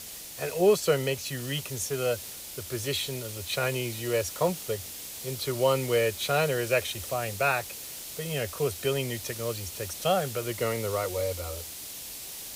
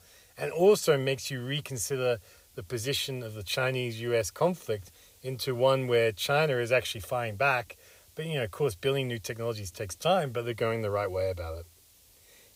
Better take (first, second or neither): second